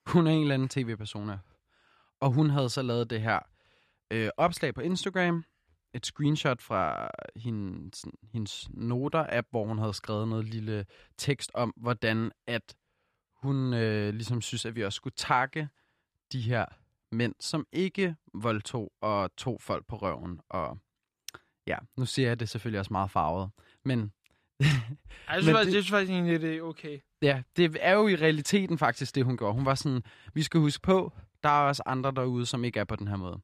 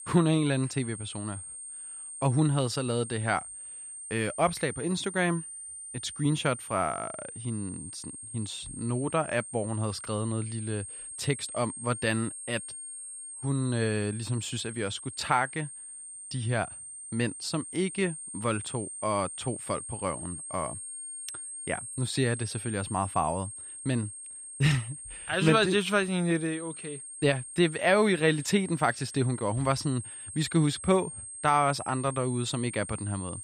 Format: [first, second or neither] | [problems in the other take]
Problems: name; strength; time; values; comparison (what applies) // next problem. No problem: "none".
first | high-pitched whine; loud; throughout; 8.5 kHz, 9 dB below the speech